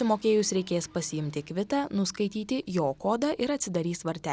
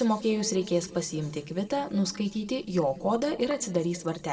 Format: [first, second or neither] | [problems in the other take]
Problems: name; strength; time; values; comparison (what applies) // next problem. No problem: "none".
first | background sound (Chink, clink); 18 dB below the speech // room echo; dies away in 1.2 s